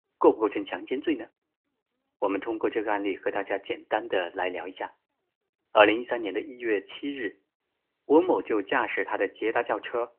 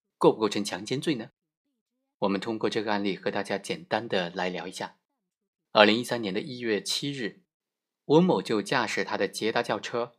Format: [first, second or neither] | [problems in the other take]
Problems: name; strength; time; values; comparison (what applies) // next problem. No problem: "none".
second | phone-call audio; nothing above 3 kHz